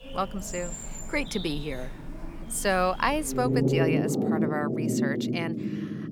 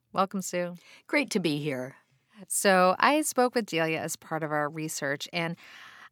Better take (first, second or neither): second